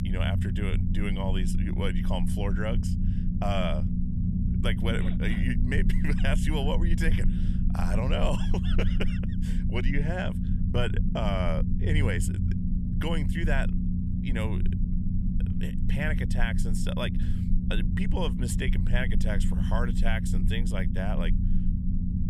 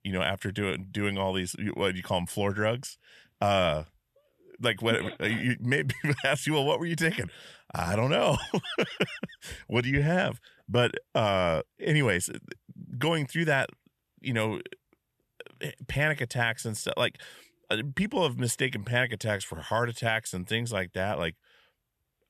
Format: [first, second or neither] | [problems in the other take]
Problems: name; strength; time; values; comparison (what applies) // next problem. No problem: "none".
second | low rumble; loud; throughout; 6 dB below the speech